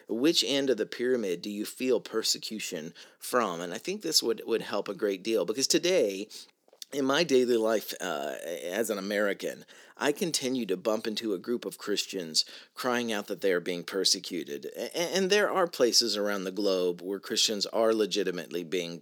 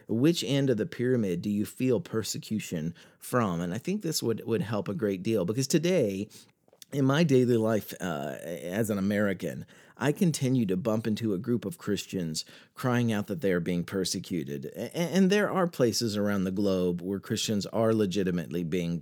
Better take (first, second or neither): second